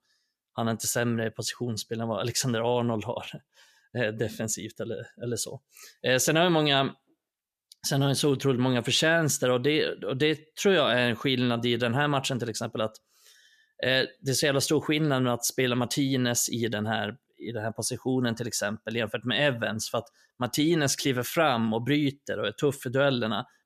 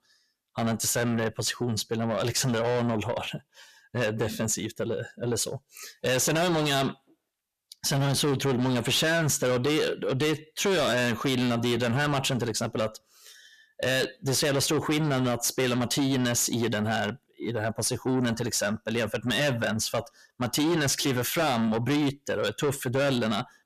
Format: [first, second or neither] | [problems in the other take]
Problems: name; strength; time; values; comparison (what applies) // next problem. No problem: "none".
first | distortion; heavy; 7 dB below the speech